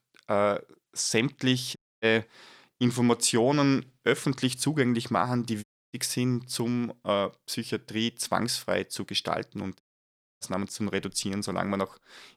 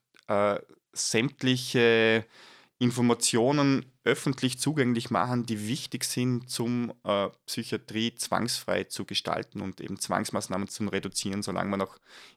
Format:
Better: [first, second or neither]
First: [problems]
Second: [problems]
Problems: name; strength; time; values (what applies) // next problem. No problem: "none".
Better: second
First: audio cutting out; at 2 s, at 5.5 s and at 10 s for 0.5 s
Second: none